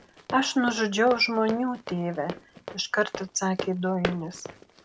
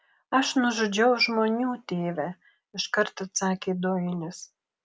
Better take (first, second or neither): second